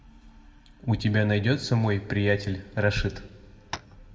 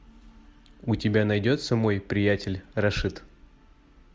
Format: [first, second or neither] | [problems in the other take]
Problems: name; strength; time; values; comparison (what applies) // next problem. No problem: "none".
second | background sound (Tap); 13 dB below the speech // room echo; dies away in 1.4 s